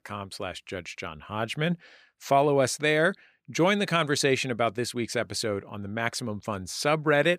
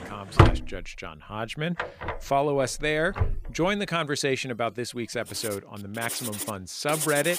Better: first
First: none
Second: household noises; very loud; throughout; as loud as the speech

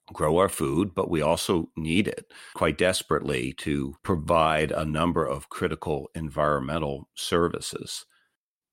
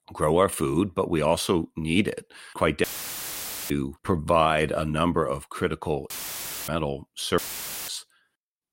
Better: first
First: none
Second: audio cutting out; filled with static; at 3 s for 1 s, at 6 s for 0.5 s and at 7.5 s for 0.5 s

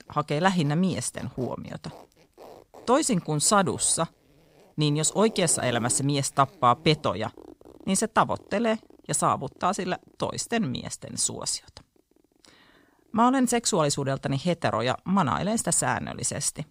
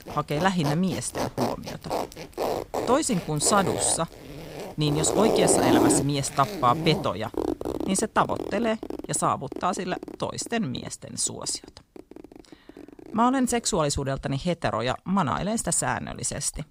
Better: first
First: household noises; faint; throughout; 25 dB below the speech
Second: household noises; loud; throughout; 4 dB below the speech

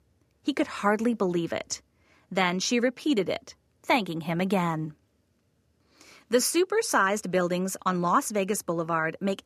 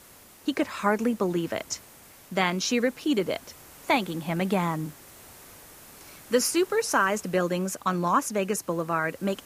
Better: first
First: none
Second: hiss; faint; throughout; 20 dB below the speech

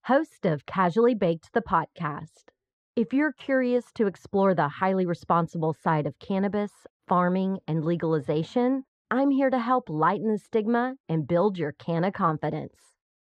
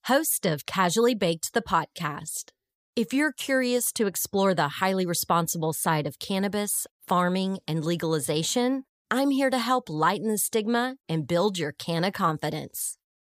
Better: second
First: muffled; very; fading above 1.5 kHz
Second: none

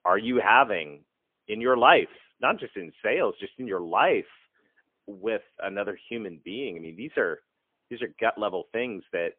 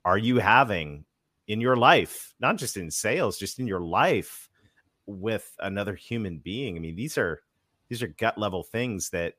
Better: second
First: phone-call audio; poor line; nothing above 3 kHz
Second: none

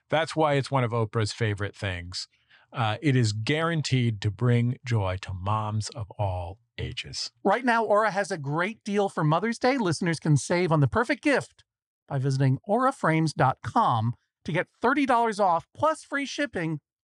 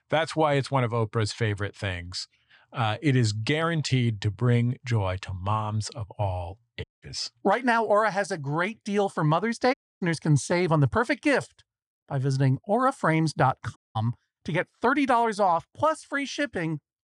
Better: first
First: none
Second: audio cutting out; at 7 s, at 9.5 s and at 14 s

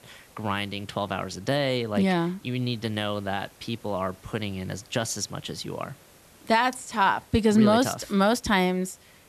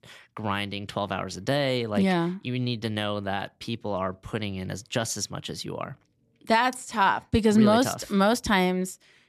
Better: second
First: hiss; faint; throughout; 25 dB below the speech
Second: none

